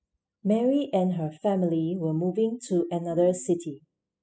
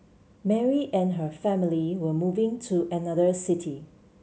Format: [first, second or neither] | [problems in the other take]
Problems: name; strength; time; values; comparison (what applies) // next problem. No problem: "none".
second | noise reduction (classical method spectral subtraction)